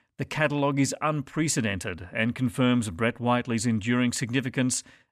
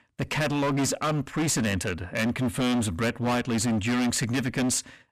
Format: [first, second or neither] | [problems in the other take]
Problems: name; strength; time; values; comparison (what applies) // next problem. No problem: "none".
first | distortion; heavy; 26% of the sound clipped